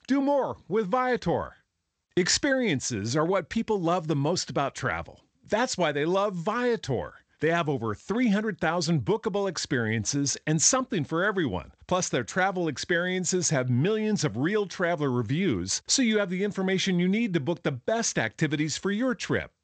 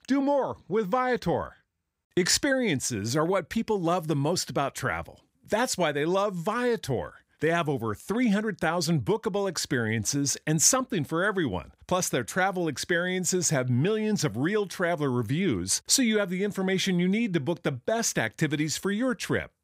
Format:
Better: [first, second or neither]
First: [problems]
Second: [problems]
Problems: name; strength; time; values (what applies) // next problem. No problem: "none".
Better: second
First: garbled, watery; slightly; nothing above 7.5 kHz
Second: none